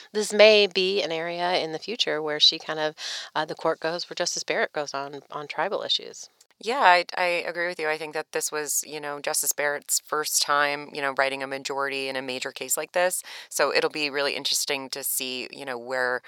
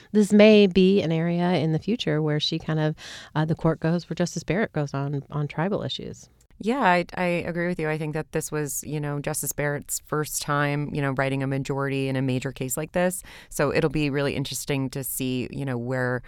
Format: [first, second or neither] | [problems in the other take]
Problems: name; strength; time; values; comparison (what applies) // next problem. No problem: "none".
second | thin; very; fading below 650 Hz